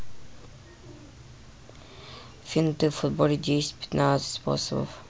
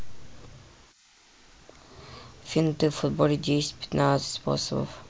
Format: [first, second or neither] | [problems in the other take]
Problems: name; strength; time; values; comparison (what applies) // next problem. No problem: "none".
first | noise reduction (neural mask model Resemble Enhance denoiser)